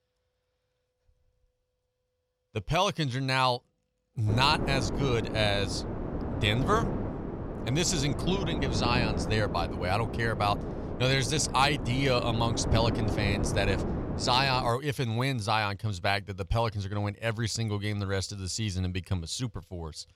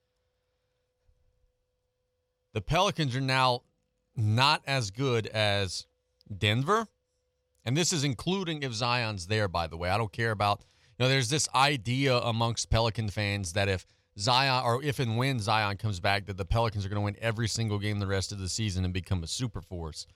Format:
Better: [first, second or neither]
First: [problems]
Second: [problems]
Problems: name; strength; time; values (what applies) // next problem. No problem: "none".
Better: second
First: wind noise on the microphone; heavy; from 4.5 to 15 s; 9 dB below the speech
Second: none